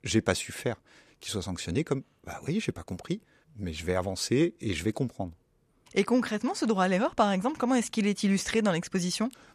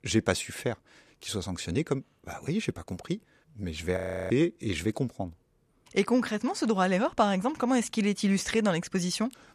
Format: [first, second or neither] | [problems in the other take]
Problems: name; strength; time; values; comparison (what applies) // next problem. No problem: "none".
first | audio freezing; at 4 s